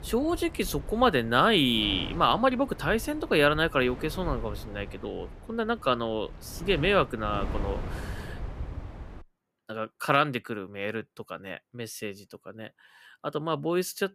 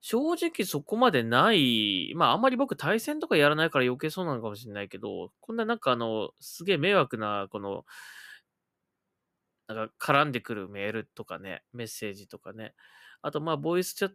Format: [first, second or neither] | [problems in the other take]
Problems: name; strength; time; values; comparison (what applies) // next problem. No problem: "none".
second | wind noise on the microphone; occasional gusts; until 9 s; 20 dB below the speech